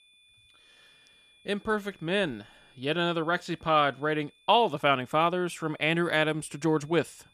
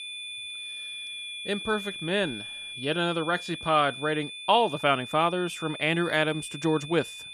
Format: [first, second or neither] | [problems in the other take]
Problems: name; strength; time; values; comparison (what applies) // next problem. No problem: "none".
first | high-pitched whine; loud; throughout; 3.5 kHz, 10 dB below the speech; faint in the first